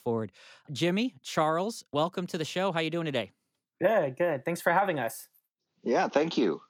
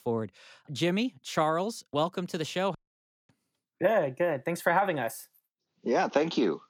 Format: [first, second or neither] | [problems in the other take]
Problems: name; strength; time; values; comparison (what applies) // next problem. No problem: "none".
first | audio cutting out; at 3 s for 0.5 s